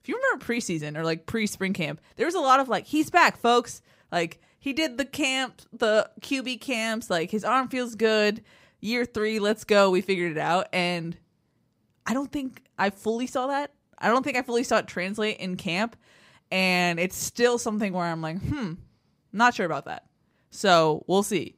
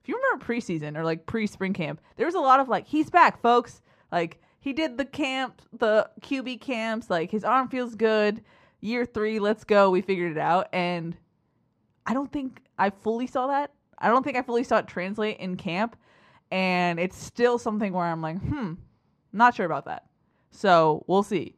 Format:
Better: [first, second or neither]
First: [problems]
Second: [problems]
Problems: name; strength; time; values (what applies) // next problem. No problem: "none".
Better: first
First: none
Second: muffled; slightly; fading above 2 kHz